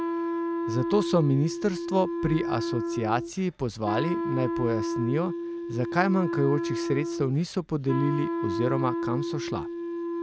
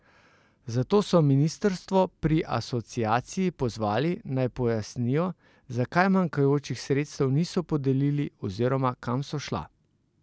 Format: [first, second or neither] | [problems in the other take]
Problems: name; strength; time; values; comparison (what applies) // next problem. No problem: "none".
second | background sound (Wind instrument, woodwind instrument); 2 dB below the speech